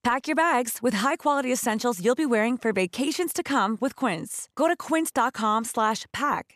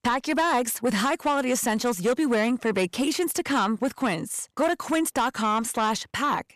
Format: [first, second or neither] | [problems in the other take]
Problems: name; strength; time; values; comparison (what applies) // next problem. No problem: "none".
first | distortion; slight; 10 dB below the speech